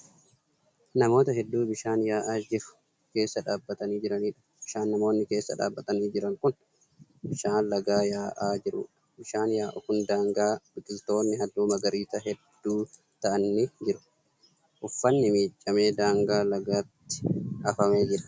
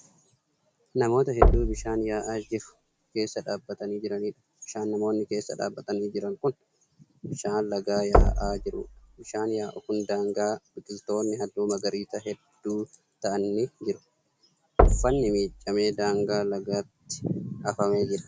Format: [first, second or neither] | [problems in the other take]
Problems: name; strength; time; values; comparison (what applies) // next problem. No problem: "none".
first | background sound (Knock); 2 dB above the speech